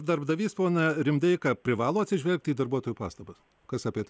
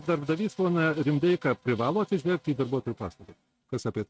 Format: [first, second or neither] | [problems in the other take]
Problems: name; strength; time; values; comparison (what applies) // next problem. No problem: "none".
first | noise reduction (neural mask model RNNoise)